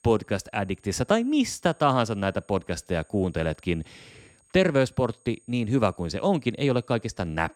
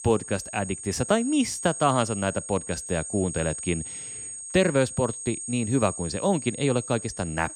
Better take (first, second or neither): first